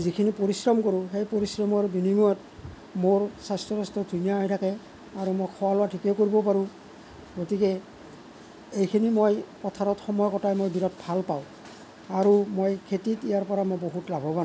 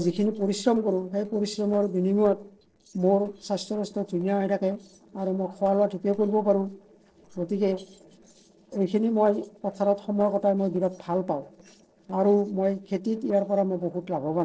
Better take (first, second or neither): first